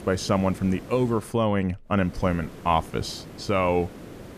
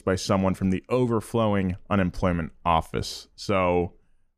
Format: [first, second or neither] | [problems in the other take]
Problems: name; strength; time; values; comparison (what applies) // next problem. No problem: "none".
second | hiss; noticeable; until 1.5 s and from 2 s on; 15 dB below the speech